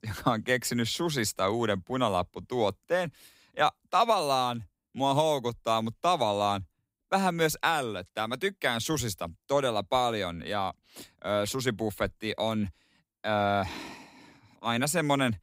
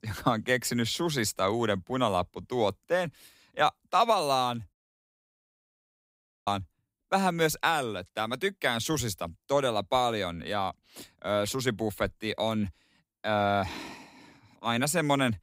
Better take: first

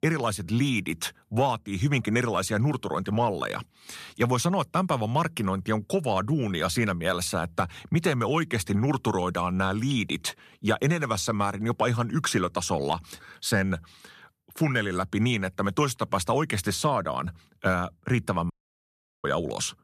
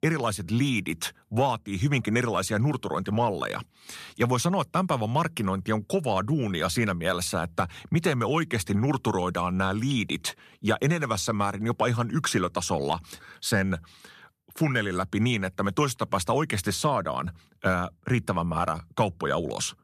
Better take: second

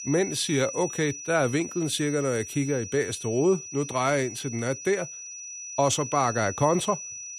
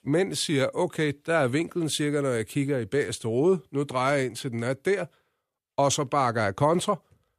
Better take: second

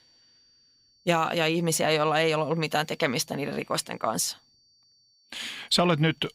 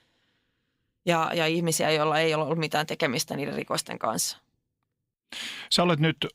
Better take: second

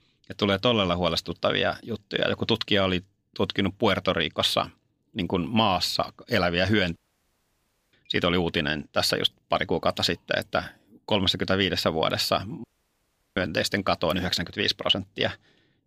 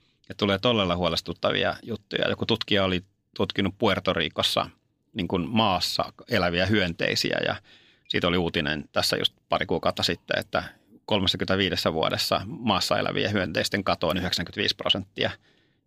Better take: second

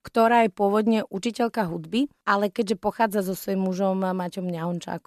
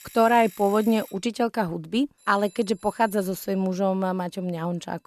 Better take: first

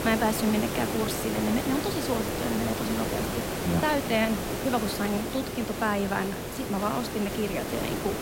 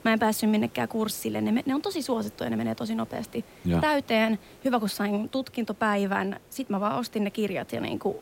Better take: second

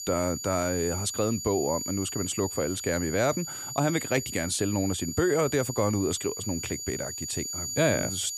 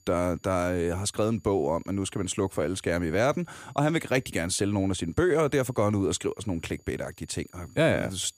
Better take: second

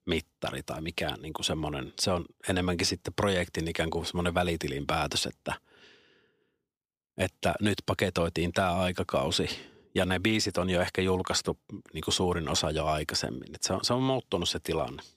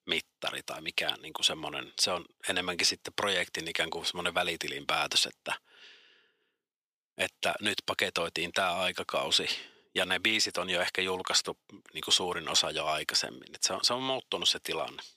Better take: first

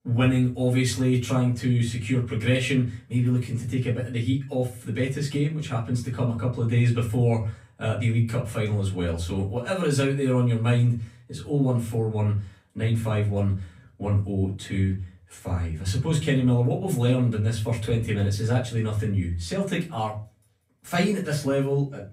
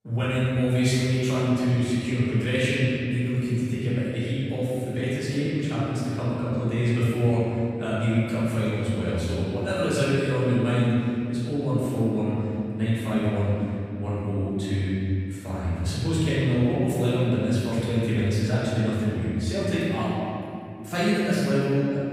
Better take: first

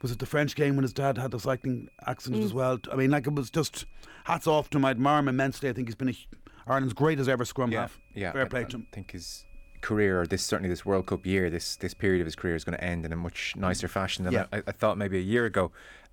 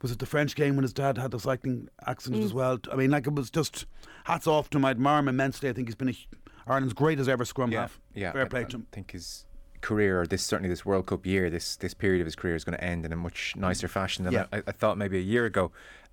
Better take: second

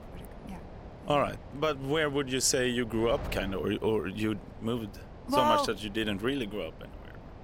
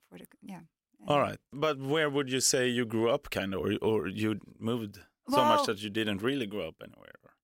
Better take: second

